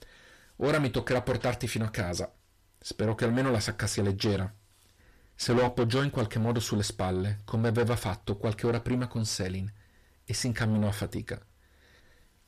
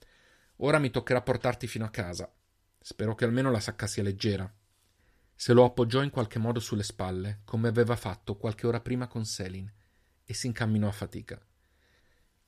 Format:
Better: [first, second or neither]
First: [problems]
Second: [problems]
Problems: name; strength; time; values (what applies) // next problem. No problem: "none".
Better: second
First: distortion; heavy; 5 dB below the speech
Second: none